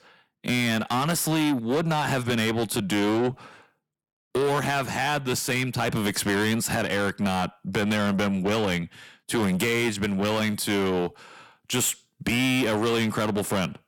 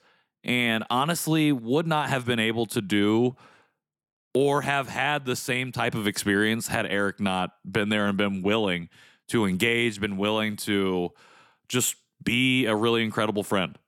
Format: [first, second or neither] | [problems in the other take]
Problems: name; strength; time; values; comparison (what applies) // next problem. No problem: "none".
second | distortion; heavy; 8 dB below the speech